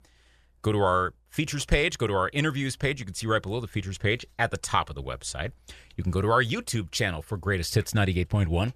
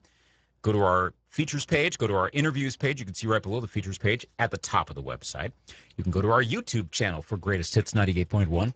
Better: first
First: none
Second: garbled, watery; badly; nothing above 7.5 kHz

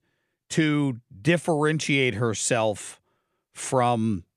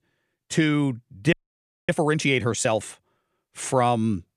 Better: first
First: none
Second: audio freezing; at 1.5 s for 0.5 s

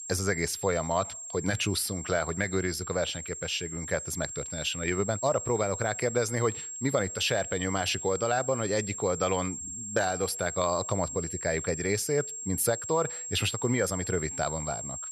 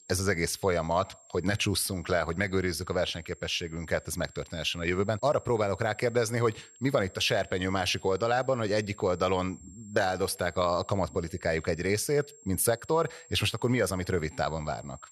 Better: second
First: high-pitched whine; loud; throughout; 7.5 kHz, 6 dB below the speech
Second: high-pitched whine; faint; throughout; 7.5 kHz, 25 dB below the speech

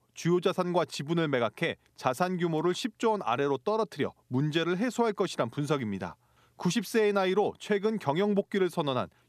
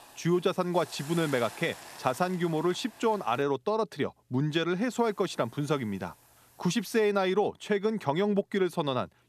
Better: first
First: none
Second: hiss; noticeable; until 3.5 s and from 5 to 7 s; 20 dB below the speech

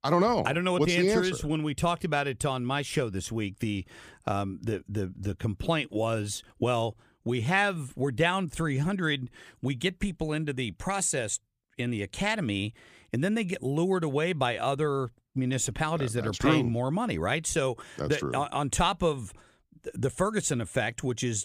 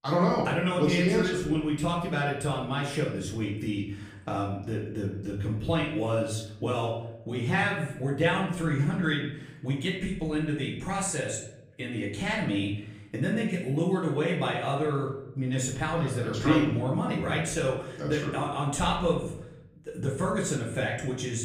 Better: first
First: none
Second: off-mic speech; far // room echo; noticeable; dies away in 0.7 s

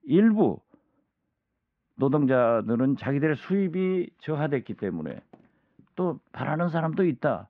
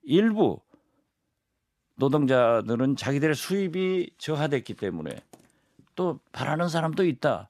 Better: second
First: muffled; very; fading above 2.5 kHz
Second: none

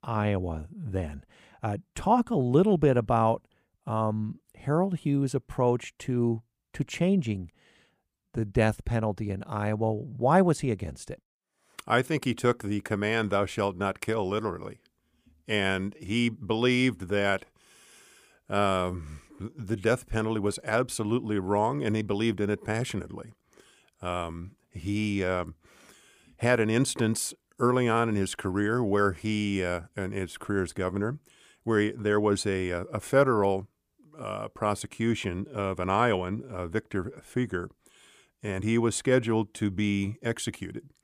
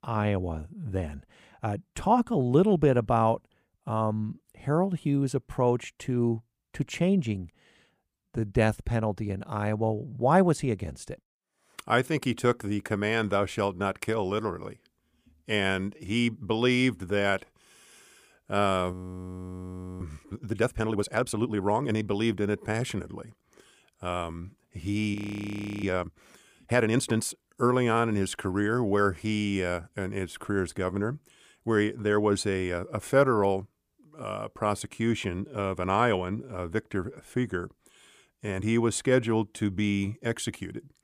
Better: first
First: none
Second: audio freezing; at 19 s for 1 s and at 25 s for 0.5 s

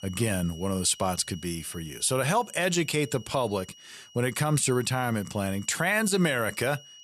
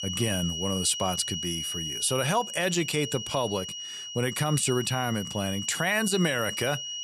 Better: first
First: high-pitched whine; faint; throughout; 3 kHz, 20 dB below the speech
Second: high-pitched whine; loud; throughout; 3 kHz, 5 dB below the speech

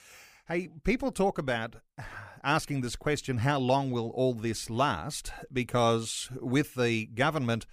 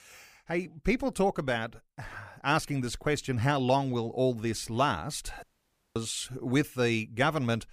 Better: first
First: none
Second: audio cutting out; at 5.5 s for 0.5 s

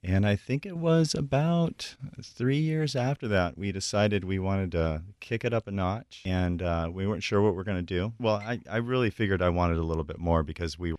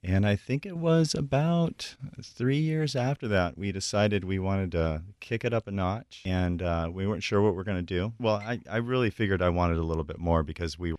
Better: neither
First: none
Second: none

